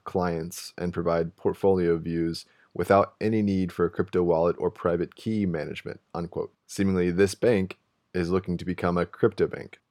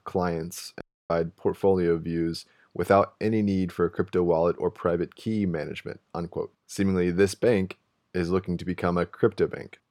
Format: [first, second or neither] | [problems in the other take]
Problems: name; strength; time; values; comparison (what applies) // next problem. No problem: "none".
first | audio cutting out; at 1 s